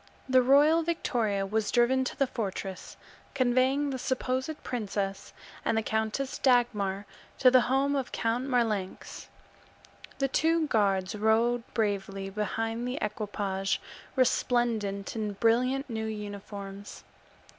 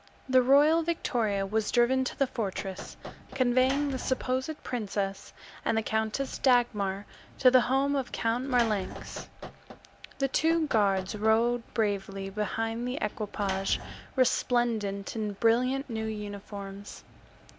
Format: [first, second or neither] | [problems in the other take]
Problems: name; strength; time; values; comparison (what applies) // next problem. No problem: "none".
first | background sound (Knock + Sliding door / Slam); 17 dB below the speech